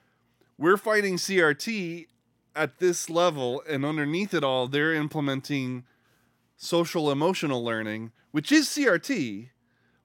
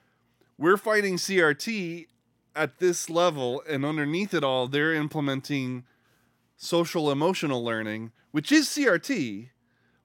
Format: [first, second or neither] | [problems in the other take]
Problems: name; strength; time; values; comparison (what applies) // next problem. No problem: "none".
neither | none